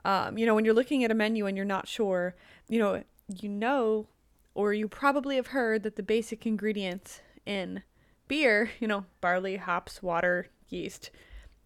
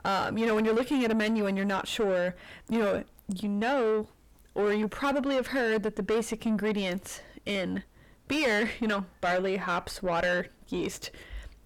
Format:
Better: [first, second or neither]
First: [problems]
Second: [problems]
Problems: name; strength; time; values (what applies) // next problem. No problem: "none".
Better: first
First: none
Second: distortion; heavy; 6 dB below the speech